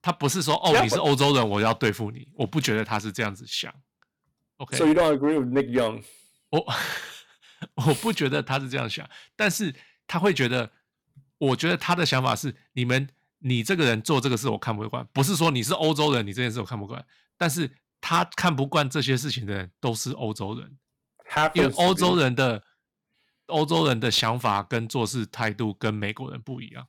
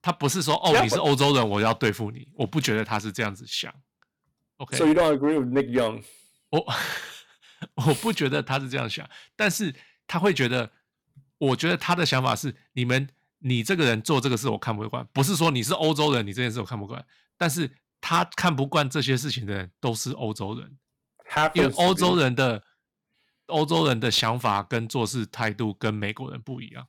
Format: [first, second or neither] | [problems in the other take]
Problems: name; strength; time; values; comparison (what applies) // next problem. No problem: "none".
neither | distortion; slight; 2% of the sound clipped; the same in both